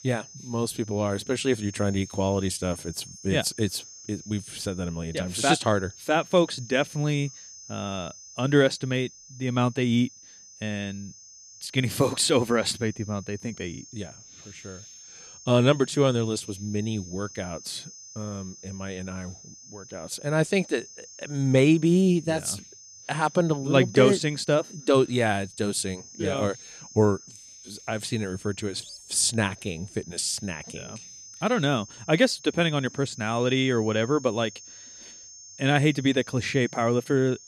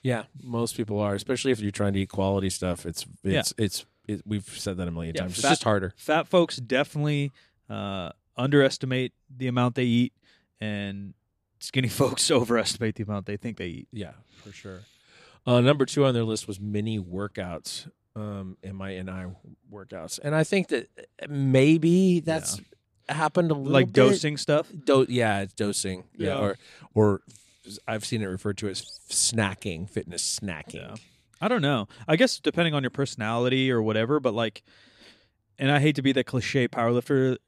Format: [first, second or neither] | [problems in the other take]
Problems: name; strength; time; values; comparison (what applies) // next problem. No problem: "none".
second | high-pitched whine; noticeable; throughout; 6.5 kHz, 20 dB below the speech